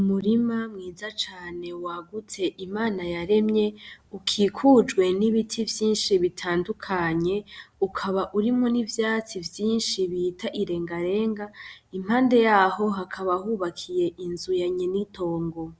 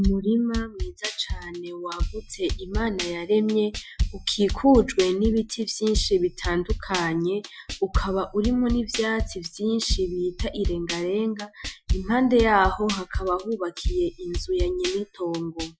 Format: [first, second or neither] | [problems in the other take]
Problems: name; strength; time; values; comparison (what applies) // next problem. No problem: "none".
first | noise reduction (classical method Wiener filter)